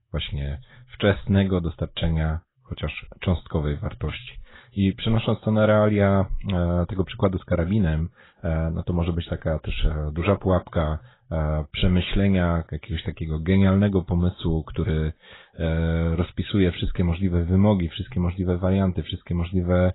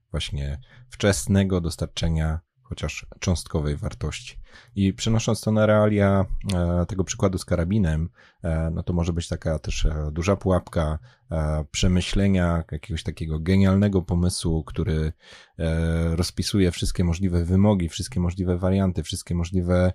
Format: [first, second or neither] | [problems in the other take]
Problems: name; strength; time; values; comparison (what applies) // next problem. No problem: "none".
second | garbled, watery; badly; nothing above 4 kHz